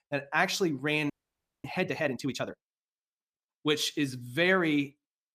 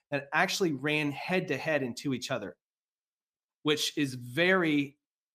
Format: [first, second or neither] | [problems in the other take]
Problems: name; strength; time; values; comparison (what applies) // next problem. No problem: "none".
second | audio freezing; at 1 s for 0.5 s